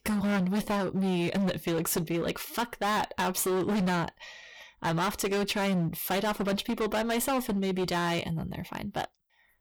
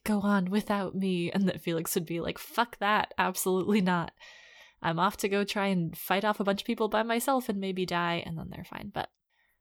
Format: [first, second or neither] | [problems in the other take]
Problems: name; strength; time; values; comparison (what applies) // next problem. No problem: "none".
second | distortion; heavy; 22% of the sound clipped